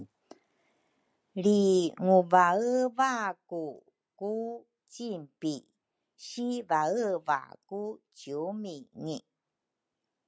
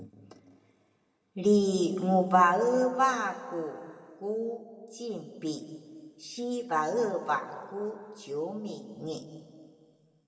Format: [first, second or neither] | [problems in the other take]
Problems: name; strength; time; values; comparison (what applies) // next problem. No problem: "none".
first | room echo; dies away in 1.8 s